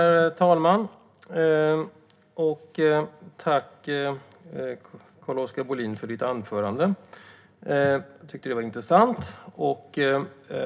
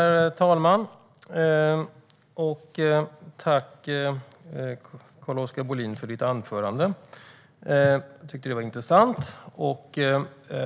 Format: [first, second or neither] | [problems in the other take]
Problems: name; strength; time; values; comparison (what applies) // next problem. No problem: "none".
second | room echo; dies away in 0.3 s